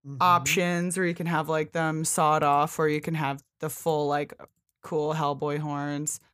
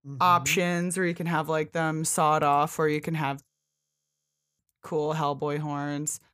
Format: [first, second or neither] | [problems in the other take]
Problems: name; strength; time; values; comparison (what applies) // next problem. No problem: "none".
first | audio freezing; at 3.5 s for 1 s